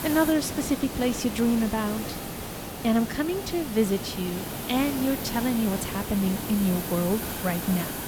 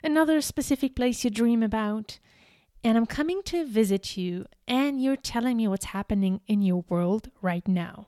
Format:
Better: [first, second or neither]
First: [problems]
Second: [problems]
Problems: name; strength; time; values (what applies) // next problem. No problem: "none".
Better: second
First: hiss; loud; throughout; 6 dB below the speech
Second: none